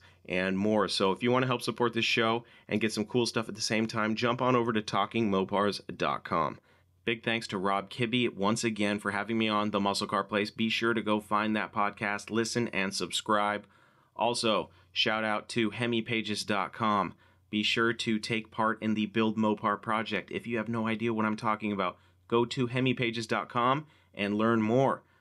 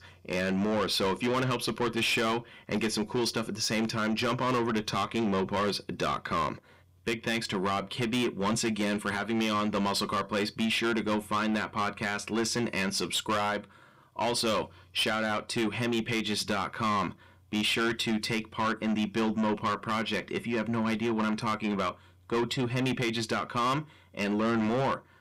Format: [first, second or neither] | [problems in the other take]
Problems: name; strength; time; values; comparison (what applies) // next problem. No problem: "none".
first | distortion; heavy; 7 dB below the speech